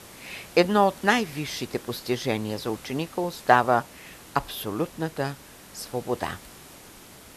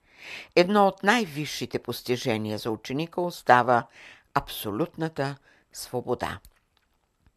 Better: second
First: hiss; noticeable; throughout; 20 dB below the speech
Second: none

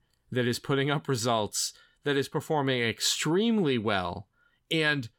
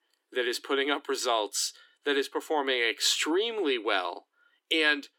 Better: first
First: none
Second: thin; somewhat; fading below 300 Hz

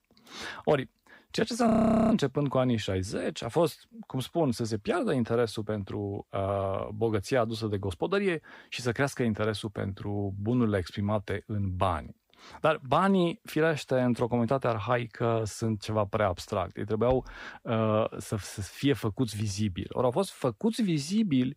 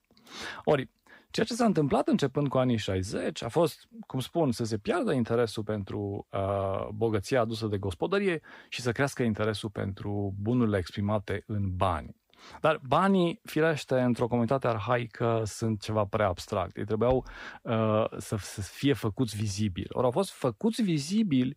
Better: second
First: audio freezing; at 1.5 s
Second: none

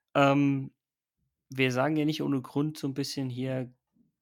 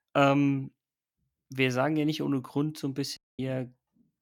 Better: first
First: none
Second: audio cutting out; at 3 s

